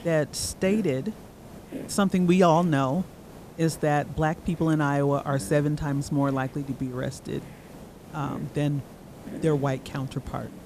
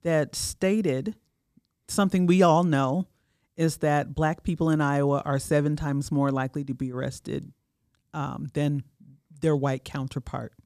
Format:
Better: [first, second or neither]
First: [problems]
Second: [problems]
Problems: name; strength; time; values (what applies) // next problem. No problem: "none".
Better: second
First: hiss; noticeable; throughout; 15 dB below the speech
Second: none